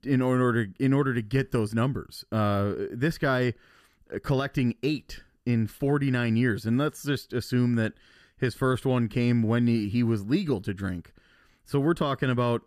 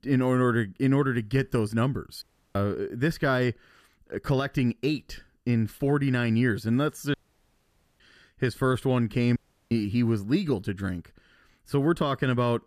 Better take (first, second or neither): first